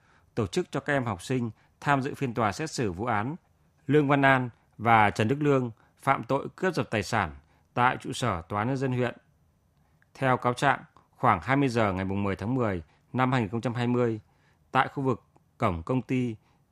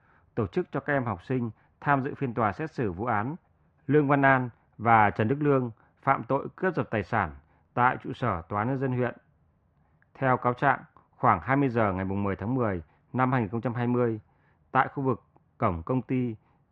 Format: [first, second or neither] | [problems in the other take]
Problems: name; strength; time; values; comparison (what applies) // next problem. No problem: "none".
first | muffled; very; fading above 1.5 kHz